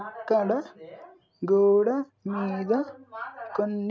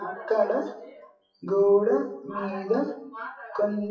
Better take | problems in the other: first | noise reduction (classical method WPE with log-MMSE)

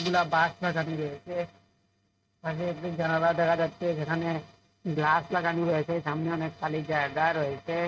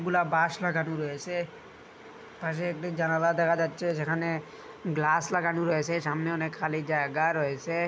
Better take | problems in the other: second | noise reduction (neural mask model RNNoise)

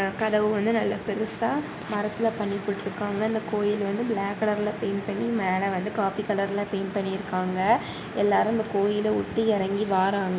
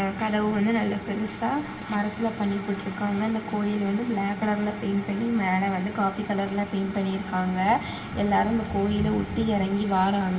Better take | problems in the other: first | background sound (Thunder); 16 dB below the speech // room echo; dies away in 1.7 s

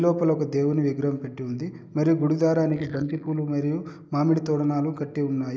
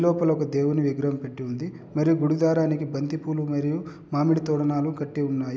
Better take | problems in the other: second | noise reduction (neural mask model Resemble Enhance denoiser)

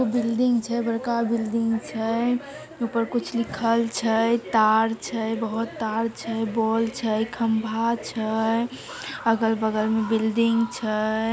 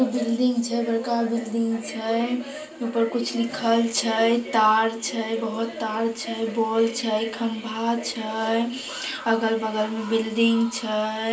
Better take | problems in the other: first | room echo; dies away in 0.3 s

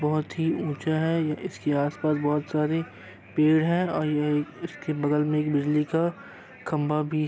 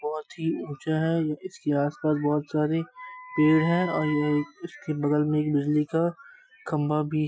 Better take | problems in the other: first | noise reduction (classical method Wiener filter)

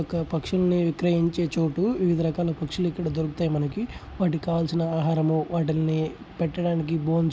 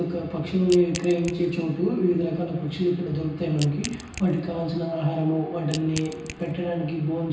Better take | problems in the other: first | background sound (Crack / Crushing); 15 dB below the speech // room echo; dies away in 0.9 s

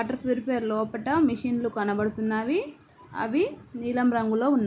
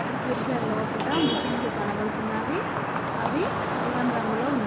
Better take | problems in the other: first | background sound (Traffic noise, roadway noise / Vehicle horn, car horn, honking); 2 dB above the speech

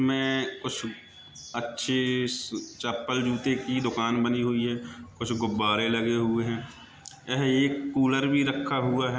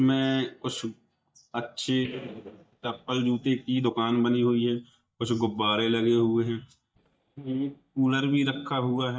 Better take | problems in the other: first | noise reduction (neural mask model DeepFilterNet 3)

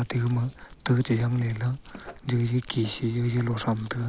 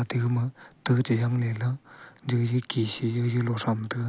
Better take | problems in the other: second | background sound (Writing + Crumpling, crinkling); 20 dB below the speech

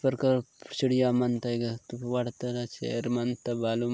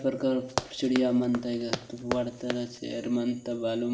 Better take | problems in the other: first | background sound (Run); 8 dB below the speech // room echo; dies away in 1.1 s

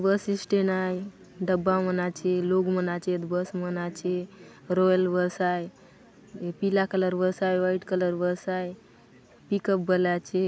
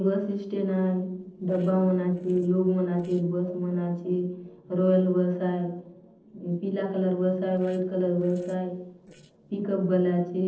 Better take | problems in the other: first | noise reduction (neural separator model SepFormer DNS4)

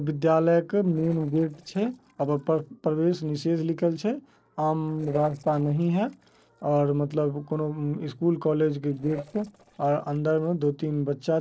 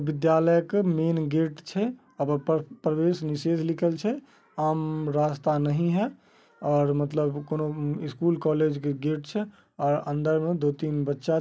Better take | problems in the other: second | noise reduction (neural separator model SepFormer DNS4)

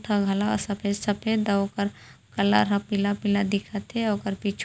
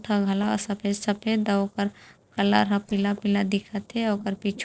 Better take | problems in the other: first | noise reduction (neural separator model SepFormer DNS4)

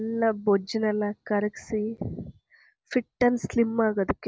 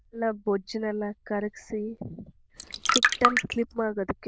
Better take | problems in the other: first | noise reduction (neural diffusion model UNIVERSE++)

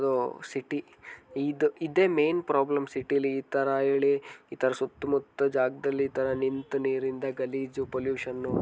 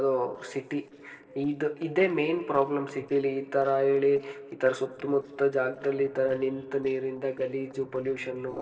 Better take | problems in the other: first | noise reduction (neural separator model SepFormer DNS4)

